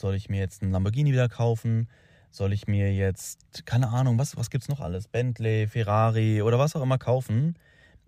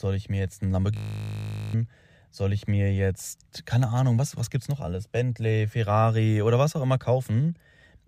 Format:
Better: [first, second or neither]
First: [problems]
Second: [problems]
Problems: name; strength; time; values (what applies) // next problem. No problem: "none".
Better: first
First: none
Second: audio freezing; at 1 s for 1 s